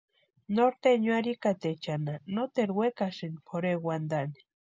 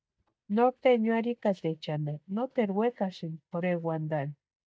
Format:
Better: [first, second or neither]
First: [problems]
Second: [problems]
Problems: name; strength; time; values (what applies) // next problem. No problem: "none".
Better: first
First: none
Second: noise reduction (neural mask model DeepFilterNet 3)